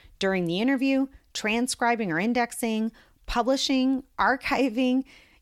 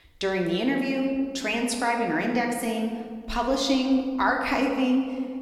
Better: first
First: none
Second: room echo; noticeable; dies away in 1.3 s // off-mic speech; somewhat distant

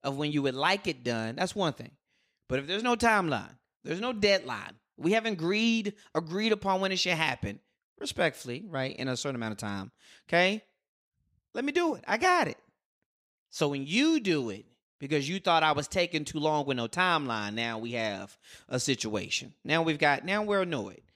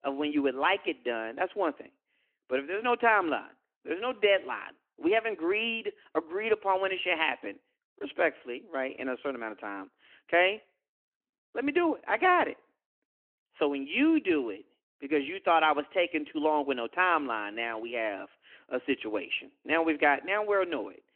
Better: first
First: none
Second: phone-call audio

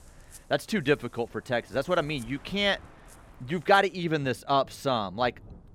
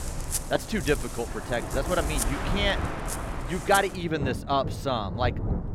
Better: first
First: rain or running water; faint; throughout; 25 dB below the speech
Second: rain or running water; loud; throughout; 4 dB below the speech

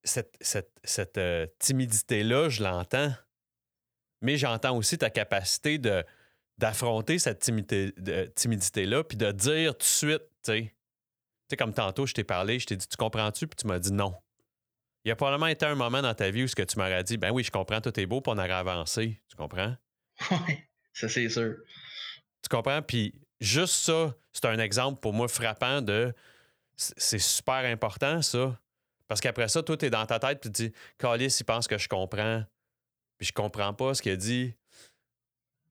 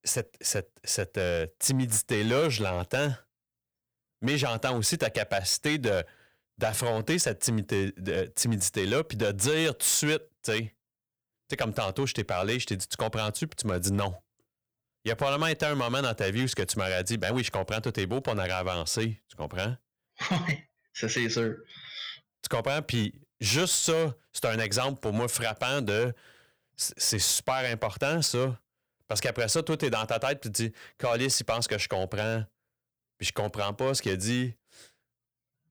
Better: first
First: none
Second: distortion; slight; 4% of the sound clipped

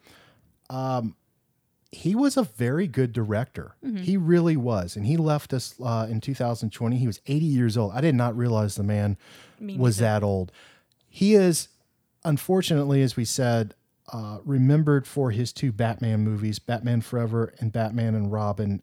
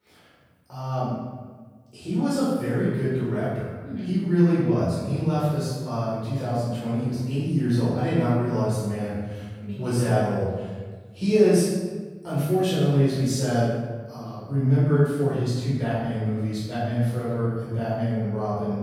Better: first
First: none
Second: room echo; strong; dies away in 1.2 s // off-mic speech; far

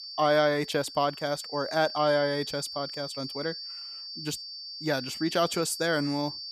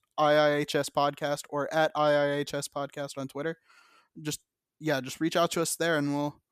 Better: second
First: high-pitched whine; loud; throughout; 4.5 kHz, 9 dB below the speech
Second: none

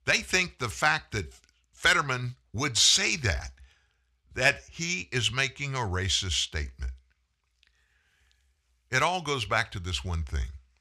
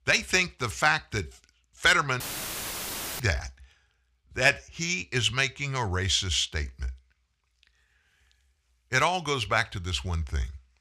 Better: first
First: none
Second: audio cutting out; filled with static; at 2 s for 1 s

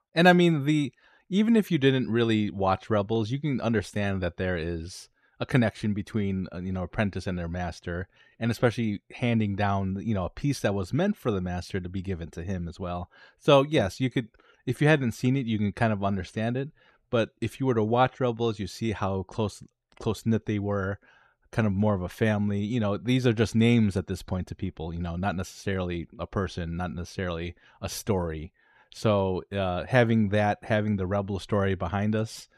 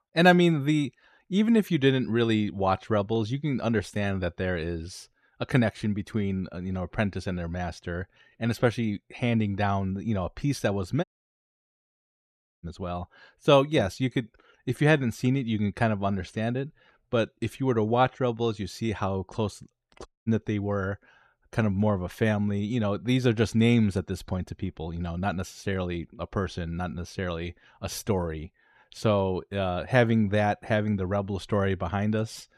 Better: first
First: none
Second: audio cutting out; at 11 s for 1.5 s and at 20 s

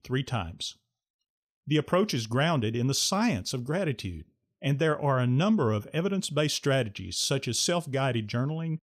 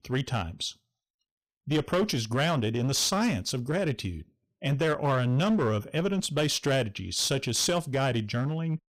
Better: first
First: none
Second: distortion; slight; 10% of the sound clipped

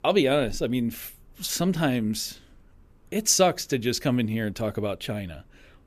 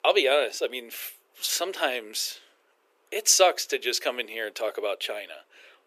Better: first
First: none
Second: thin; very; fading below 400 Hz

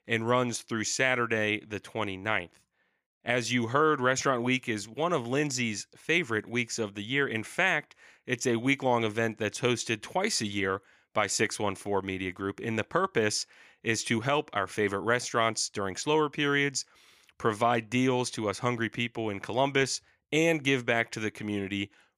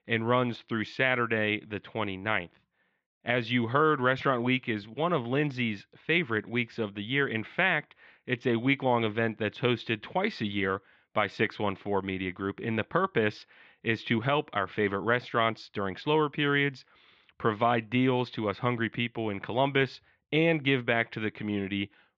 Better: first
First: none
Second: muffled; very; fading above 3.5 kHz

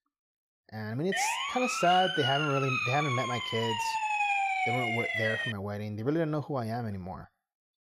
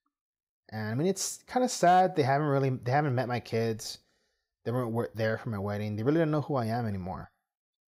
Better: second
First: siren; loud; from 1 to 5.5 s; peak 4 dB above the speech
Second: none

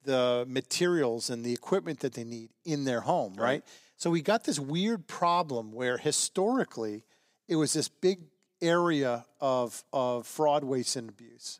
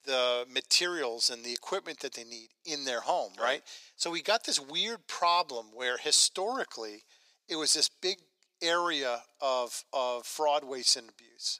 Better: first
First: none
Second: thin; somewhat; fading below 600 Hz

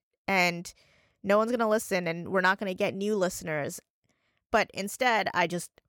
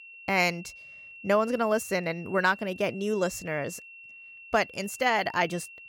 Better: first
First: none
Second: high-pitched whine; noticeable; throughout; 2.5 kHz, 15 dB below the speech

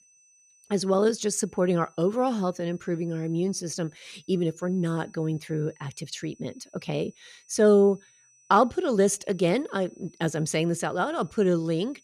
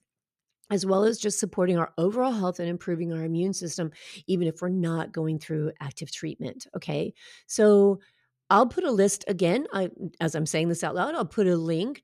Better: second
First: high-pitched whine; faint; throughout; 6 kHz, 30 dB below the speech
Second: none

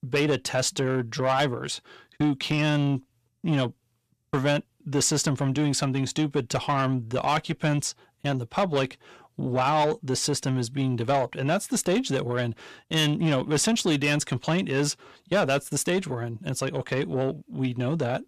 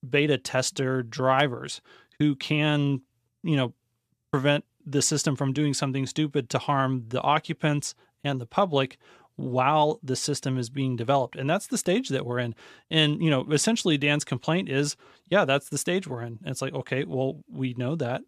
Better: second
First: distortion; slight; 10 dB below the speech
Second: none

